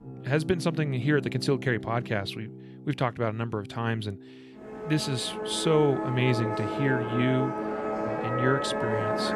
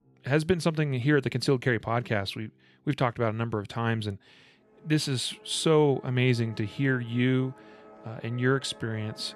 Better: second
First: background music; loud; throughout; 4 dB below the speech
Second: background music; faint; throughout; 25 dB below the speech

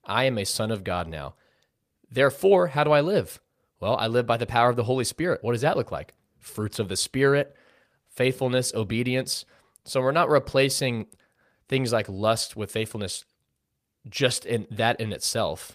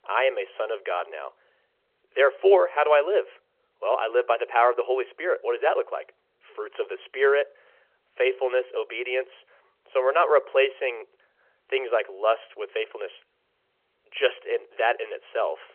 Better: first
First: none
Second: phone-call audio; nothing above 3 kHz

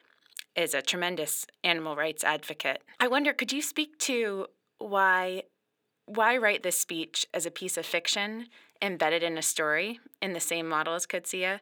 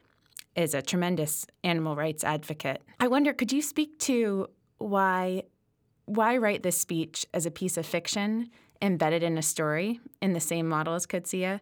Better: second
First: thin; somewhat; fading below 400 Hz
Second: none

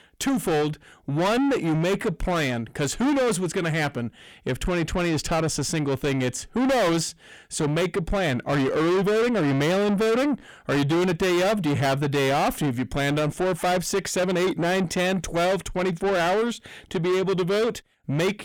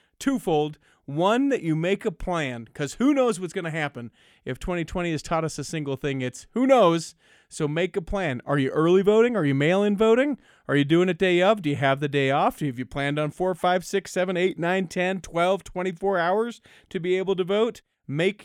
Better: second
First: distortion; heavy; 6 dB below the speech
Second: none

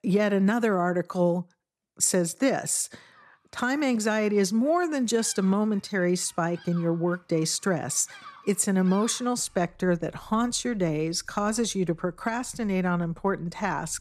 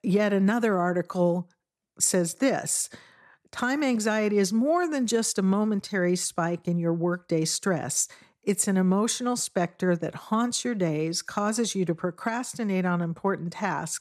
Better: second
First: animal sounds; faint; from 3.5 s on; 25 dB below the speech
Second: none

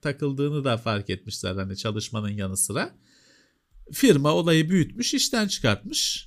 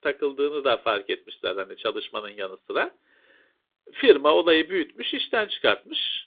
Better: first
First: none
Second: phone-call audio; nothing above 3.5 kHz

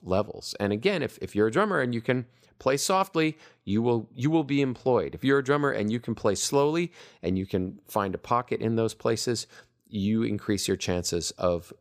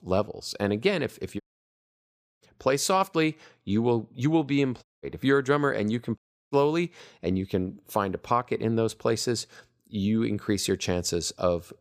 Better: first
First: none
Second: audio cutting out; at 1.5 s for 1 s, at 5 s and at 6 s

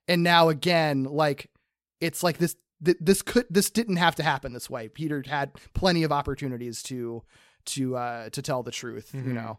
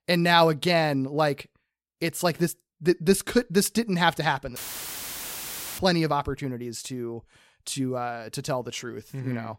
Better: first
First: none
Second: audio cutting out; filled with static; at 4.5 s for 1 s

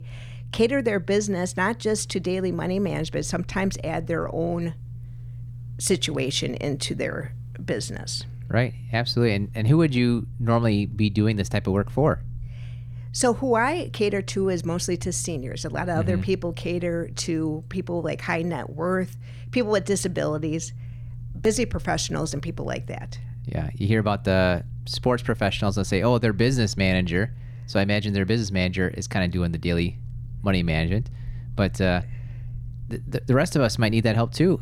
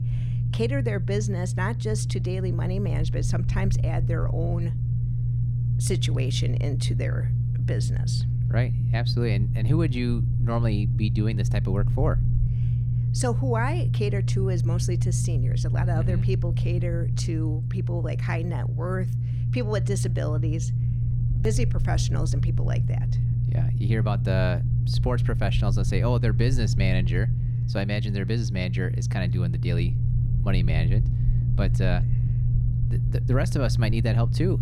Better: first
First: low rumble; faint; throughout; 25 dB below the speech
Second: low rumble; loud; throughout; 5 dB below the speech

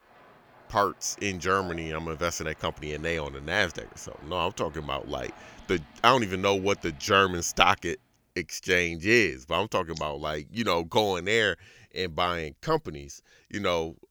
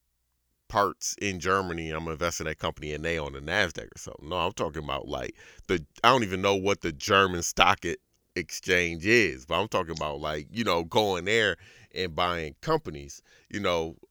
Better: second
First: rain or running water; faint; until 7.5 s; 25 dB below the speech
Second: none

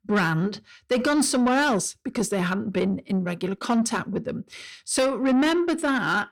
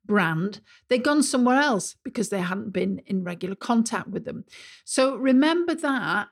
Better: second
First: distortion; slight; 10 dB below the speech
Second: none

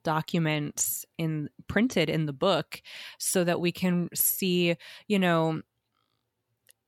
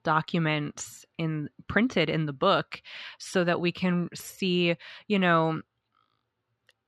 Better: first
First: none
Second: muffled; slightly; fading above 3.5 kHz

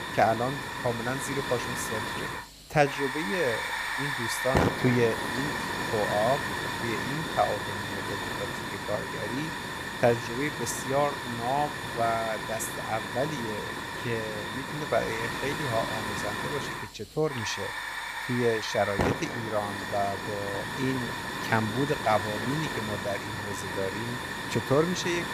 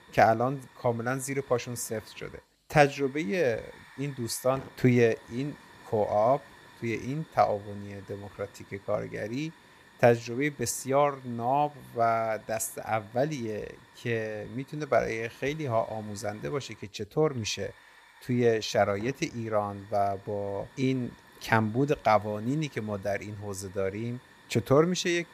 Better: second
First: hiss; loud; throughout; 1 dB below the speech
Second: hiss; faint; throughout; 25 dB below the speech

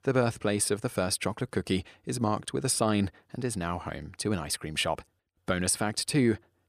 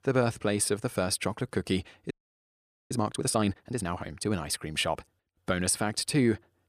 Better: first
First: none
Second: audio freezing; at 2 s for 1 s

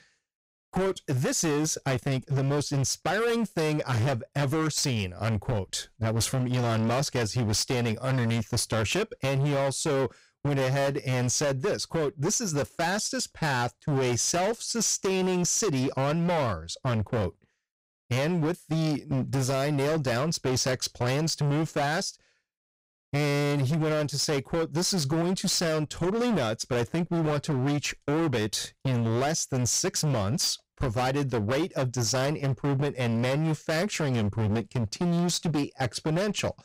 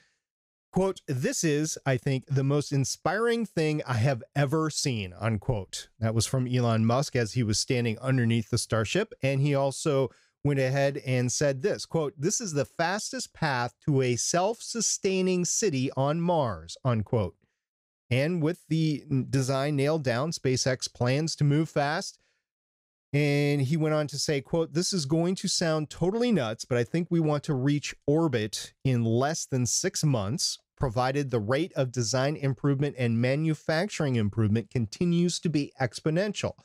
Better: second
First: distortion; heavy; 27% of the sound clipped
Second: none

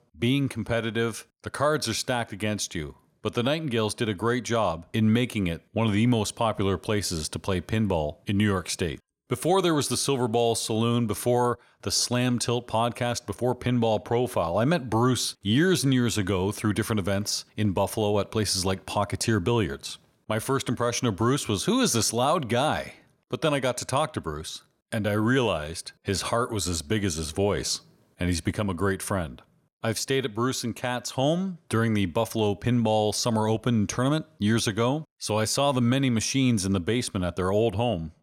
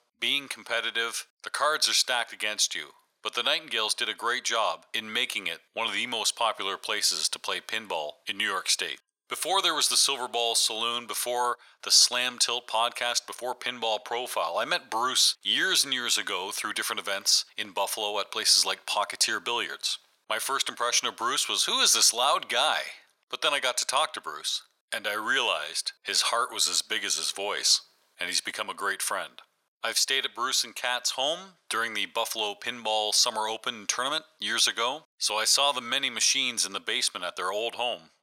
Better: first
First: none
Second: thin; very; fading below 950 Hz

